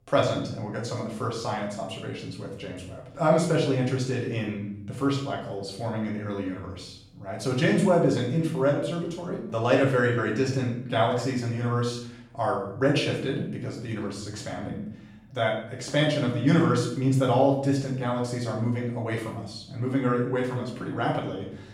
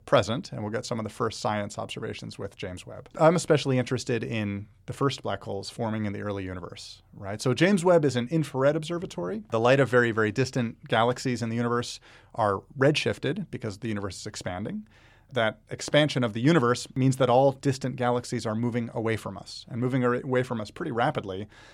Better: second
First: off-mic speech; far // room echo; noticeable; dies away in 0.7 s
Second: none

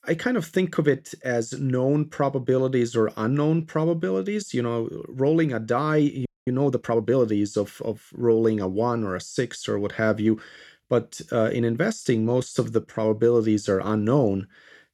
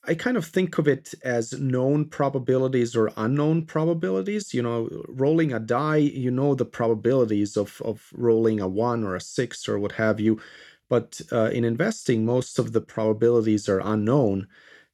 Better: second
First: audio freezing; at 6.5 s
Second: none

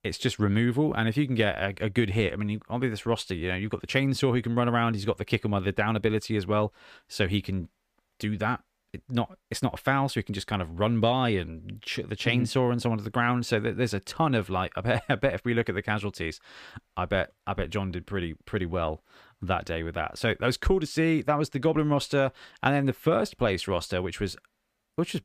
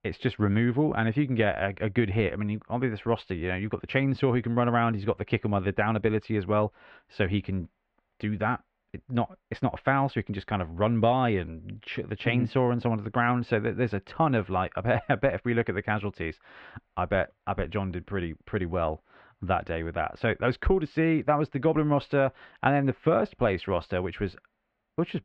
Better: first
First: none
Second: muffled; very; fading above 2.5 kHz

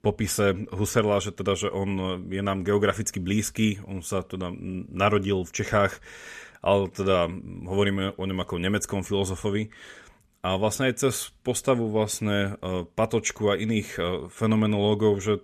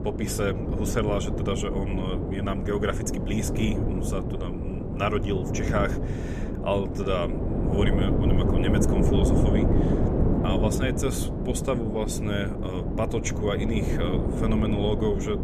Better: first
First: none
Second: wind noise on the microphone; heavy; 2 dB below the speech

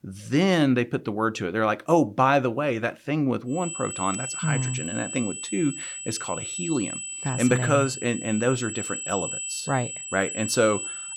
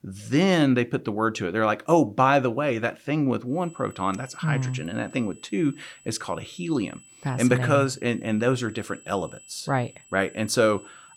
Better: second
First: high-pitched whine; loud; from 3.5 s on; 8 kHz, 6 dB below the speech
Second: high-pitched whine; faint; from 3.5 s on; 8 kHz, 25 dB below the speech

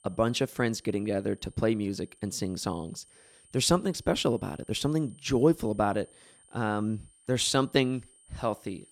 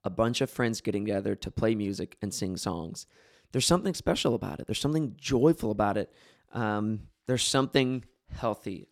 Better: second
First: high-pitched whine; faint; throughout; 9 kHz, 30 dB below the speech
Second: none

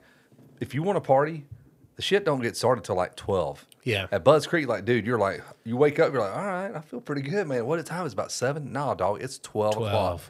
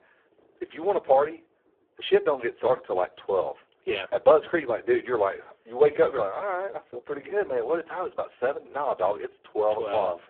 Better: first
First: none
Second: phone-call audio; poor line

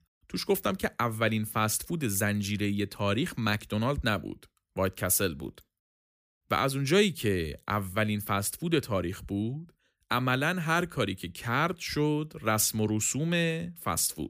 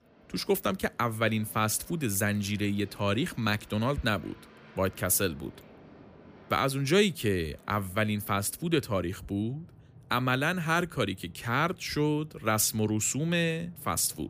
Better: first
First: none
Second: train or aircraft noise; faint; throughout; 25 dB below the speech

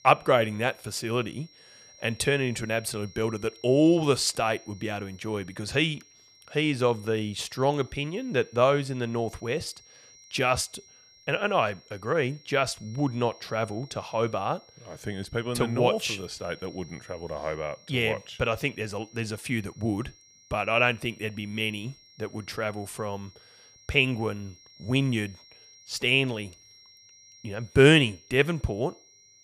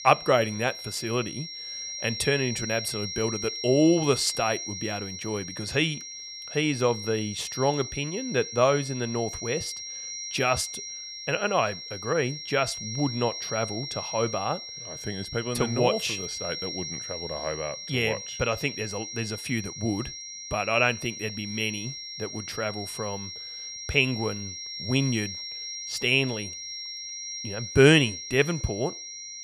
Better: first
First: high-pitched whine; faint; throughout; 5.5 kHz, 25 dB below the speech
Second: high-pitched whine; loud; throughout; 5.5 kHz, 7 dB below the speech

